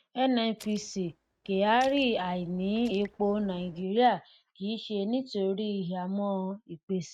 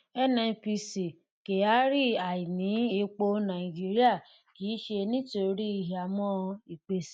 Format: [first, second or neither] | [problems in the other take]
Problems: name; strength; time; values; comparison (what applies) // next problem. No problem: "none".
second | noise reduction (neural mask model RNNoise)